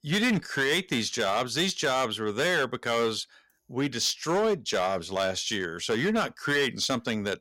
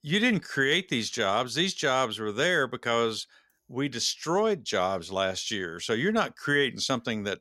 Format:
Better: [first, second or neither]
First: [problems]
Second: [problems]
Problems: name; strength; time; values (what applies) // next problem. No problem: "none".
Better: second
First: distortion; slight; 8% of the sound clipped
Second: none